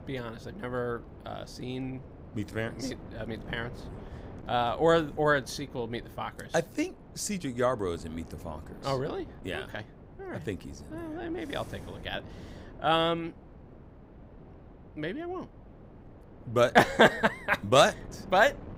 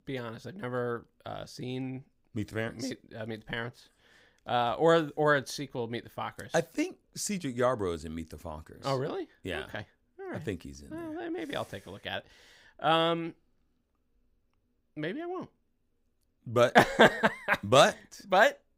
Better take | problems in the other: second | wind noise on the microphone; occasional gusts; 25 dB below the speech

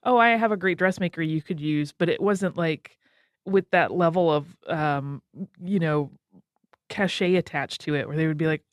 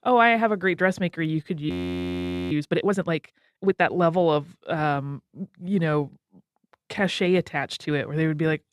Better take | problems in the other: first | audio freezing; at 1.5 s for 1 s

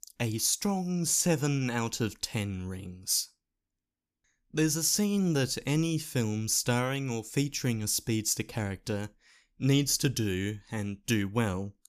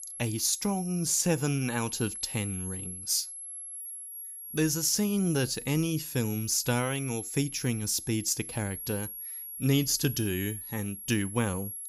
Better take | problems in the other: first | high-pitched whine; loud; throughout; 11 kHz, 9 dB below the speech

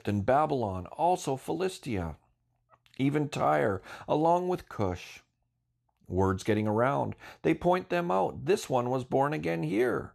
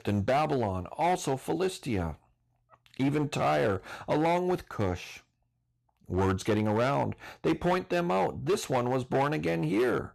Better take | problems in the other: first | distortion; slight; 9% of the sound clipped

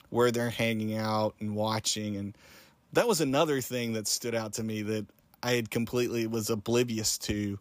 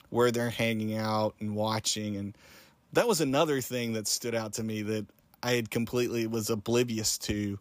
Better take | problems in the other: neither | none

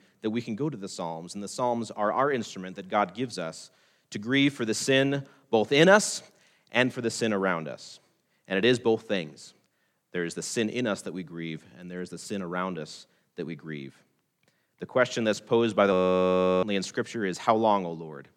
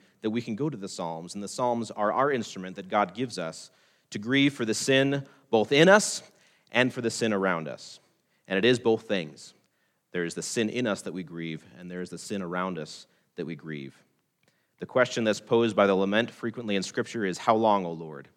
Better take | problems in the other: second | audio freezing; at 16 s for 0.5 s

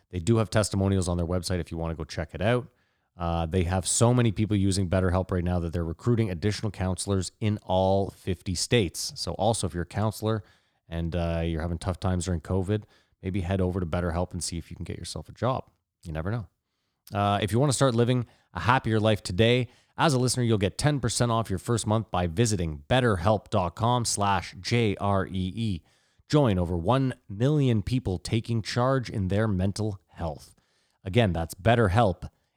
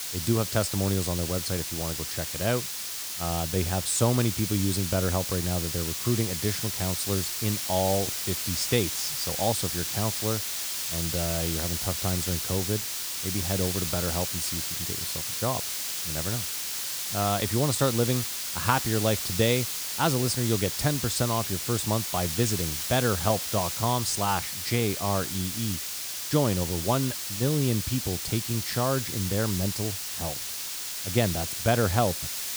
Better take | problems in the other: first | hiss; loud; throughout; 1 dB below the speech

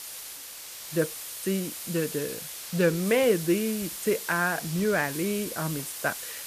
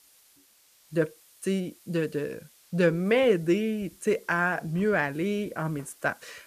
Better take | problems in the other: second | hiss; loud; throughout; 7 dB below the speech; faint in the second

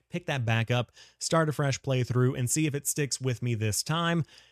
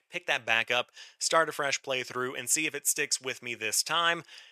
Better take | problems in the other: first | thin; very; fading below 550 Hz

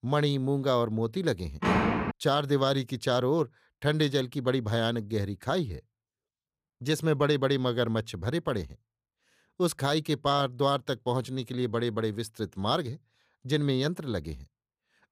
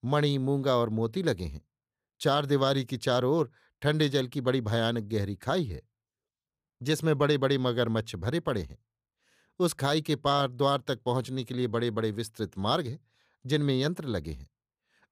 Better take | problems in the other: second | door banging; loud; at 1.5 s; peak 3 dB above the speech

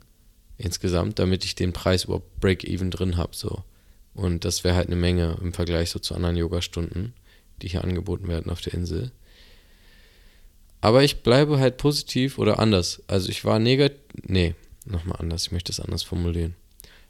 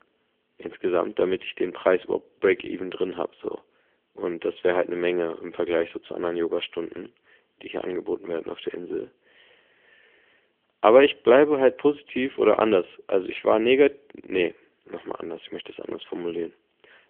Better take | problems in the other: first | phone-call audio; nothing above 3.5 kHz

